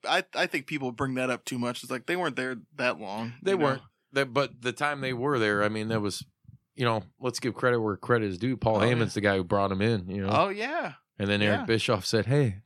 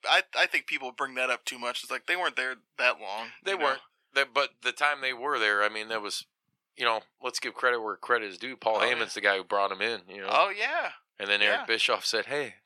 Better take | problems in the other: first | thin; very; fading below 650 Hz

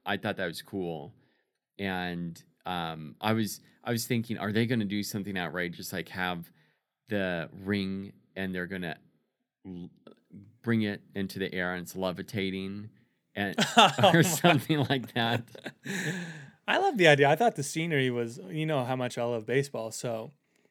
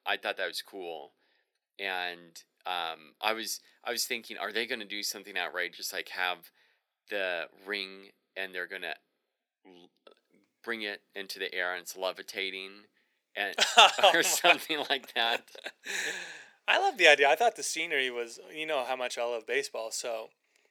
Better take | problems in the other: first | thin; very; fading below 450 Hz

